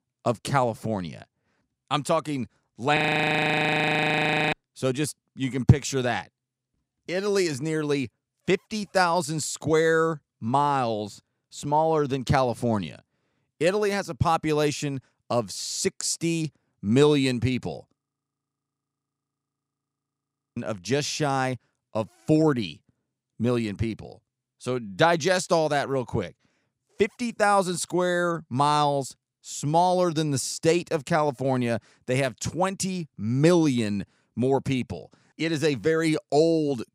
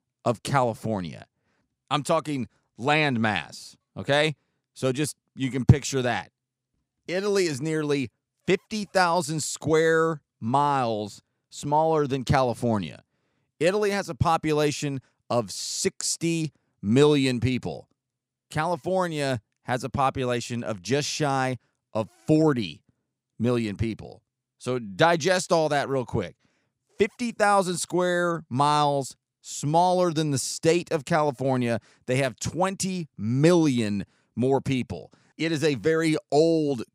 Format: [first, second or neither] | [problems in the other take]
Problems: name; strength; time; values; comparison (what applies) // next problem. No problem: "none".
second | audio freezing; at 3 s for 1.5 s and at 18 s for 2.5 s